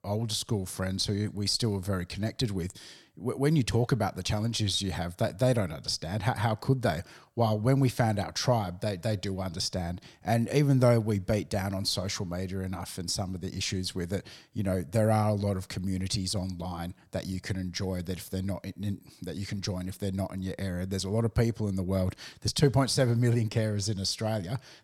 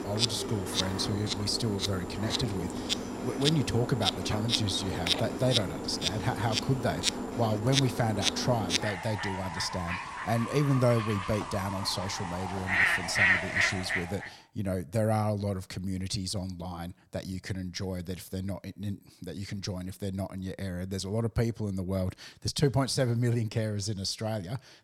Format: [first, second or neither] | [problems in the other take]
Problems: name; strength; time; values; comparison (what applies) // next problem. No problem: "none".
first | animal sounds; very loud; until 14 s; 1 dB above the speech